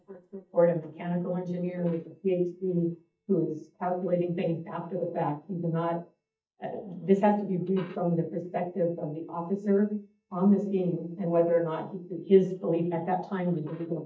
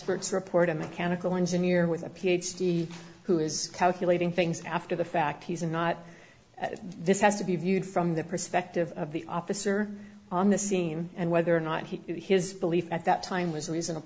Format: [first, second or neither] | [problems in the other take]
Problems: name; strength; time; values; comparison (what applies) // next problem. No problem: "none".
second | noise reduction (neural mask model DeepFilterNet 3)